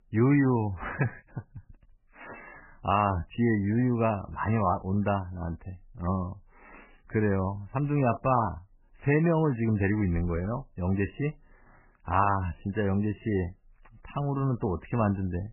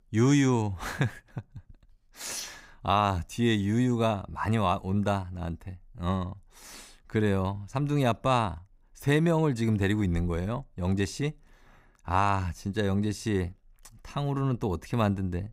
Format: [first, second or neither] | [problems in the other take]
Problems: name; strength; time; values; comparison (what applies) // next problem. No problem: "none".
second | garbled, watery; badly; nothing above 3 kHz